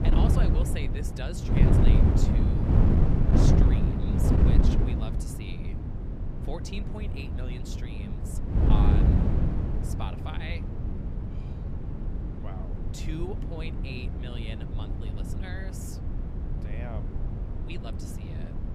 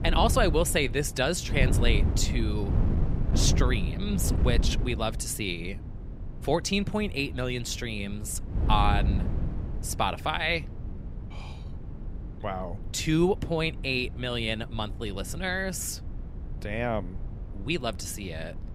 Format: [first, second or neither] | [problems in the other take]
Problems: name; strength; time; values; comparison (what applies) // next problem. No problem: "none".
second | wind noise on the microphone; heavy; 4 dB above the speech; occasional gusts in the second